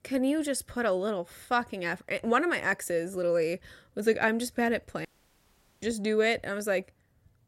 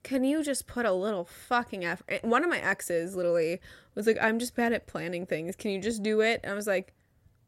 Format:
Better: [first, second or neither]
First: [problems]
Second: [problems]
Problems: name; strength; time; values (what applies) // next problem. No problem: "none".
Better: second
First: audio cutting out; at 5 s for 1 s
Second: none